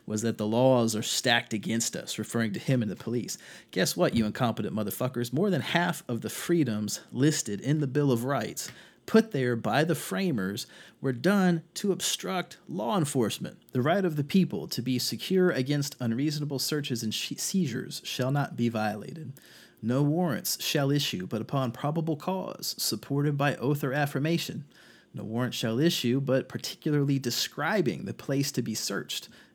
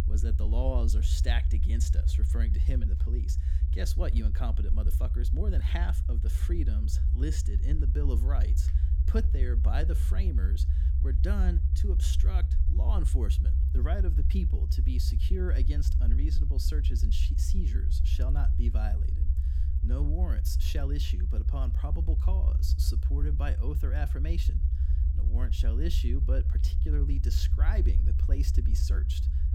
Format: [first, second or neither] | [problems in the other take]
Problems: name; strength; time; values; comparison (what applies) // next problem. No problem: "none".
first | low rumble; loud; throughout; 5 dB below the speech